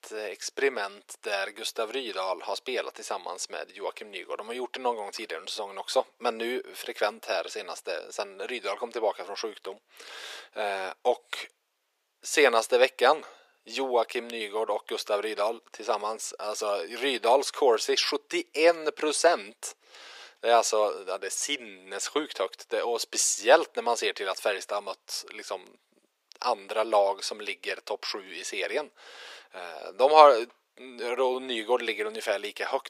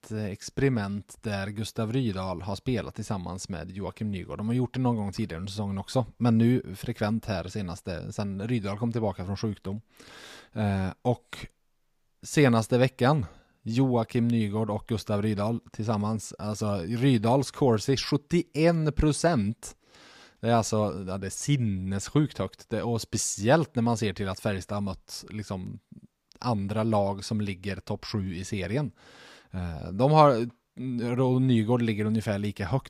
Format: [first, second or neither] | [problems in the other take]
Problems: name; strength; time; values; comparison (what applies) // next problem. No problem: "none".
second | thin; very; fading below 400 Hz